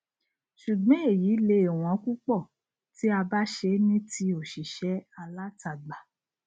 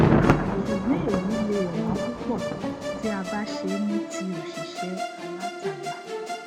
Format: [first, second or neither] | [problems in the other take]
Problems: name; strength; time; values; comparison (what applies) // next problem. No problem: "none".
first | background sound (Musical instrument + Thunder); 5 dB above the speech